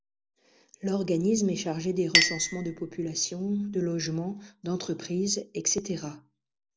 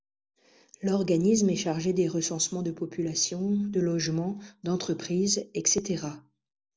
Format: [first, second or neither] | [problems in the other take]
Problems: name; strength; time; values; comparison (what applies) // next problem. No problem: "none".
second | background sound (Chink, clink); 5 dB below the speech